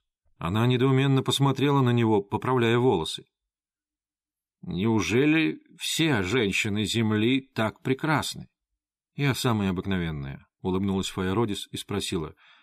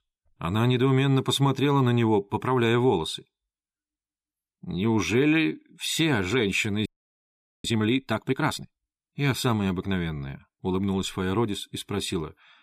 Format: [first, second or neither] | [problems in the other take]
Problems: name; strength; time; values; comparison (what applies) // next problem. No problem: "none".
first | audio freezing; at 7 s for 1 s